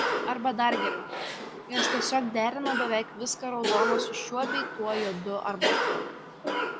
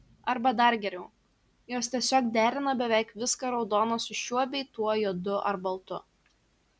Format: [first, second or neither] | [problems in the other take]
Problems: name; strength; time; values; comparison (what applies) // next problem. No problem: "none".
second | background sound (Cough); as loud as the speech